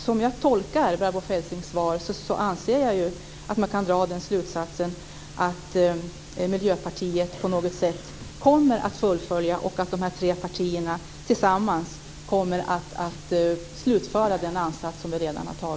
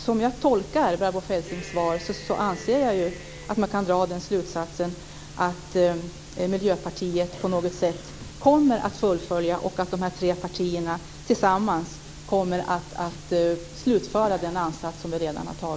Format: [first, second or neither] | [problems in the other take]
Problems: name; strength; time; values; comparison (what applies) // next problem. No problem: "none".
first | background sound (Cheering); 18 dB below the speech